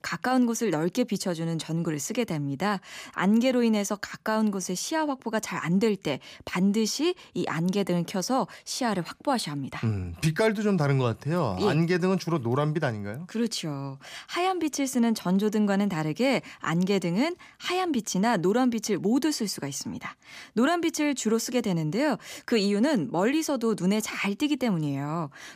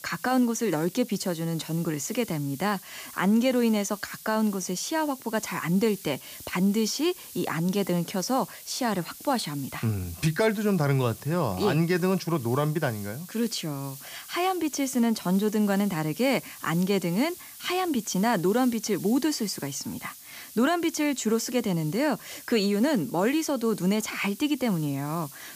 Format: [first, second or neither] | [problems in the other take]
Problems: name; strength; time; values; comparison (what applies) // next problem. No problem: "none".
first | hiss; noticeable; throughout; 15 dB below the speech